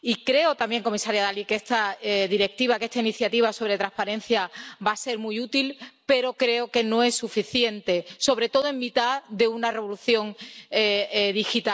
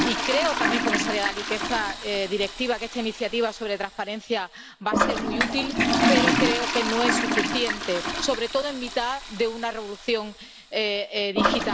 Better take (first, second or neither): first